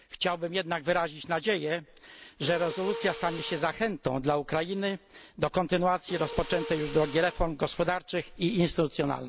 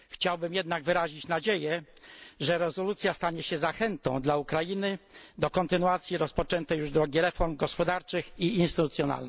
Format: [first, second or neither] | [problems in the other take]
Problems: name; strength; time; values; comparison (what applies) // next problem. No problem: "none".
second | background sound (Mechanisms); 13 dB below the speech